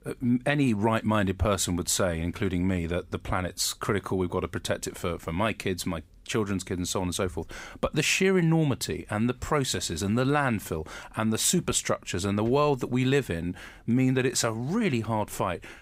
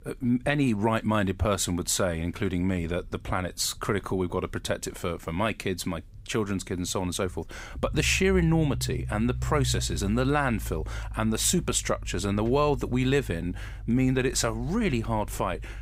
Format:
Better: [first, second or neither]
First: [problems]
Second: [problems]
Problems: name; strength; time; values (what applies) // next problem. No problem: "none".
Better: first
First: none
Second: low rumble; faint; throughout; 25 dB below the speech